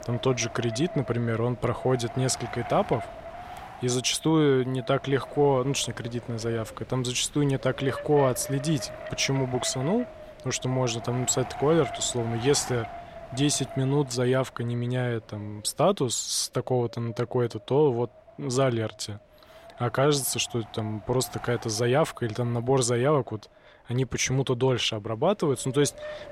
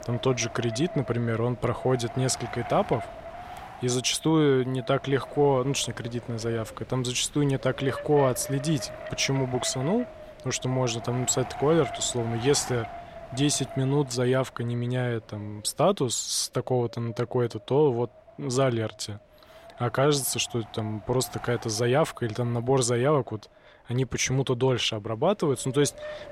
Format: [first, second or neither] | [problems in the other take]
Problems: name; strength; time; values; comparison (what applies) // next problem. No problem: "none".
neither | wind noise on the microphone; occasional gusts; 10 dB below the speech; the same in both